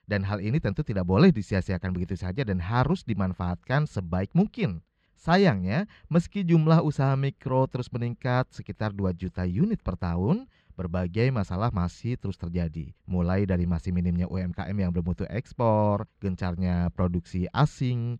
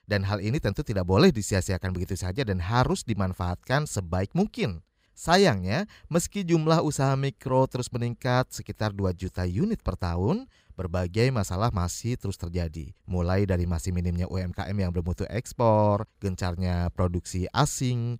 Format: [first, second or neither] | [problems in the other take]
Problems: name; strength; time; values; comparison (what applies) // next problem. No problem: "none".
second | muffled; slightly; fading above 3 kHz